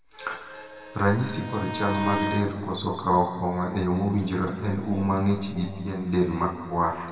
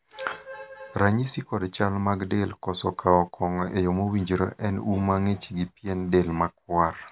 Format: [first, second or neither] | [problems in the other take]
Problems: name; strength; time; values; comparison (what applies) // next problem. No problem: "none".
second | background sound (Bowed string instrument); 8 dB below the speech // room echo; dies away in 2 s